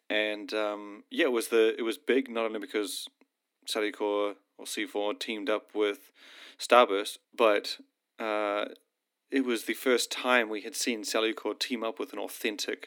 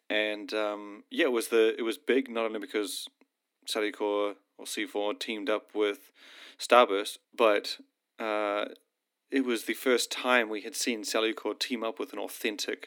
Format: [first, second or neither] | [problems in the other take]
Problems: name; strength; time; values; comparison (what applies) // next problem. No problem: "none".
neither | thin; somewhat; fading below 250 Hz; the same in both